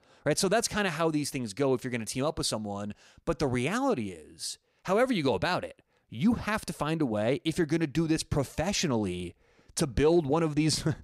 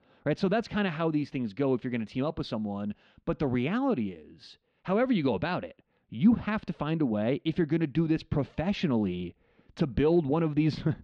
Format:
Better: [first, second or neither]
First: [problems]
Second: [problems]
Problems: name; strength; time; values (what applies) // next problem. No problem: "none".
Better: first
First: none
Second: muffled; slightly; fading above 3.5 kHz